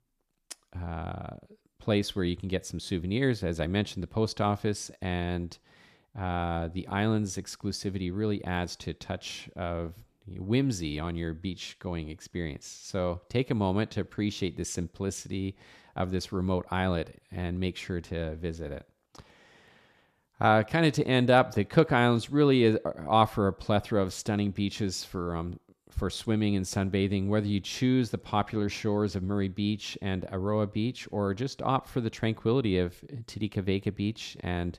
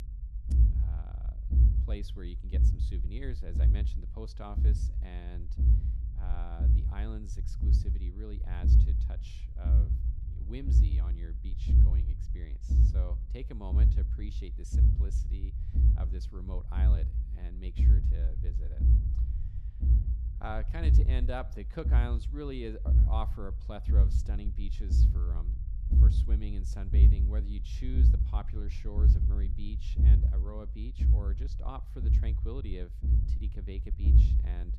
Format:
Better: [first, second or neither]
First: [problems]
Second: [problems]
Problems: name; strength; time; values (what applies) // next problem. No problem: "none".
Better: first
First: none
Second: low rumble; loud; throughout; as loud as the speech